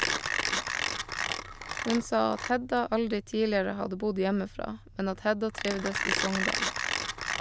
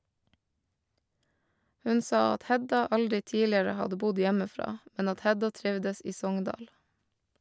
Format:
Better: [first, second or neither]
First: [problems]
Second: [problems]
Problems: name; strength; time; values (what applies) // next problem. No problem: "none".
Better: second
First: background sound (Mechanisms); 3 dB below the speech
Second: none